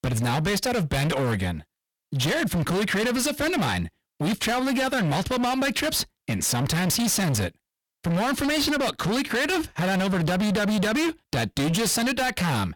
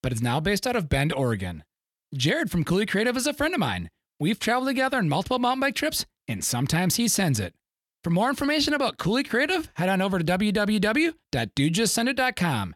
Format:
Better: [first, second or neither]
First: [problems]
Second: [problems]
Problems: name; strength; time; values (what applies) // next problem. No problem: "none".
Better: second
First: distortion; heavy; 34% of the sound clipped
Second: none